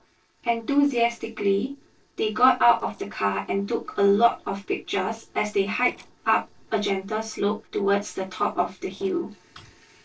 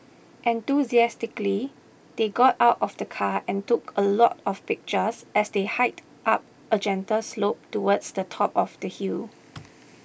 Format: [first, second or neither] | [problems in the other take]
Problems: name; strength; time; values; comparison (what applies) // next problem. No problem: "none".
second | noise reduction (neural separator model SepFormer DNS4)